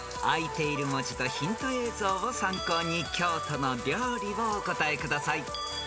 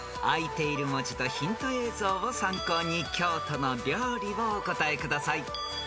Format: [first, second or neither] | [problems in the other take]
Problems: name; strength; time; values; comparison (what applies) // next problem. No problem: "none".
second | background sound (Bathtub (filling or washing)); 19 dB below the speech